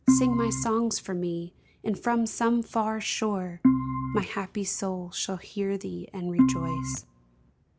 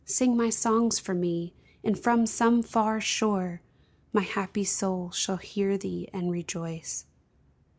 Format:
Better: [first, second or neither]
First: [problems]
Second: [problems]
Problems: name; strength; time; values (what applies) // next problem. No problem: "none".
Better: second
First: background sound (Organ); 3 dB above the speech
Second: none